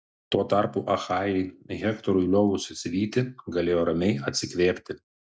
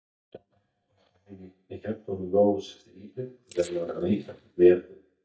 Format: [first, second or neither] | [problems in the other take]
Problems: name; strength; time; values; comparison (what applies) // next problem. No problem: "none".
first | noise reduction (neural mask model DeepFilterNet 3)